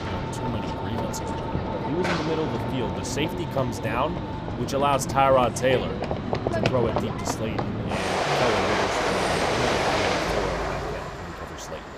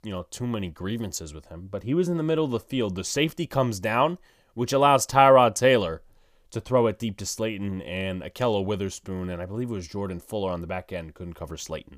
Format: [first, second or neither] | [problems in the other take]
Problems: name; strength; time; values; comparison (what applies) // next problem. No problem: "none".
second | train or aircraft noise; very loud; throughout; 1 dB above the speech